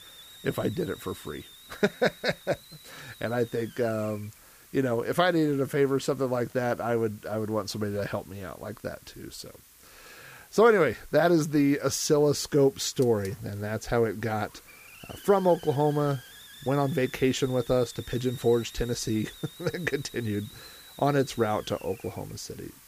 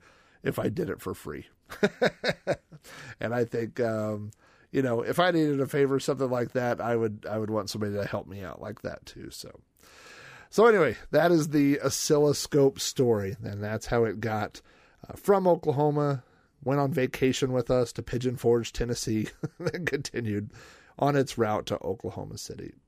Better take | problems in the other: second | hiss; faint; throughout; 20 dB below the speech

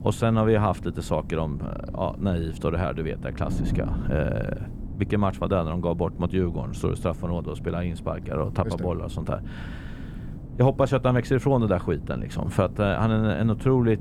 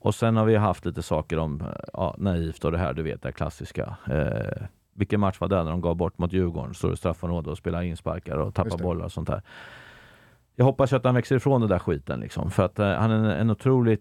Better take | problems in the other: second | wind noise on the microphone; occasional gusts; 15 dB below the speech

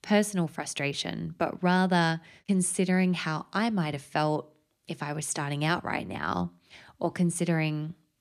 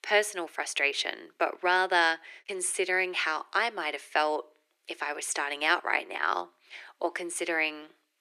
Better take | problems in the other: first | thin; very; fading below 350 Hz

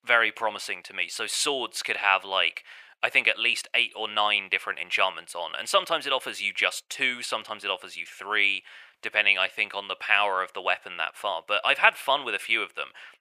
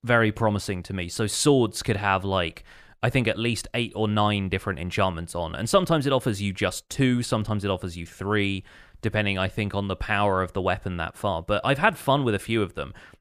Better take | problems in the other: second | thin; very; fading below 750 Hz

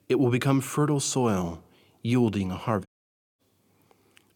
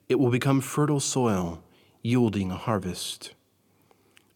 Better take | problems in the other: second | audio cutting out; at 3 s for 0.5 s

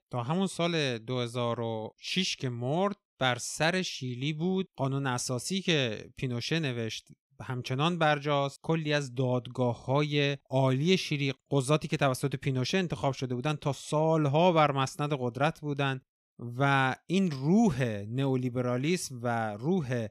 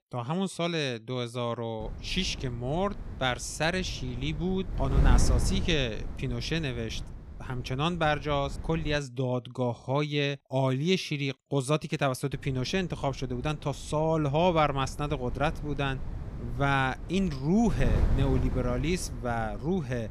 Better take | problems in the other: first | wind noise on the microphone; occasional gusts; from 2 to 9 s and from 12 s on; 15 dB below the speech

